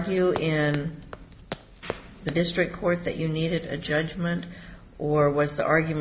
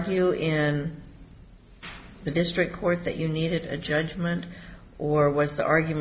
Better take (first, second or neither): second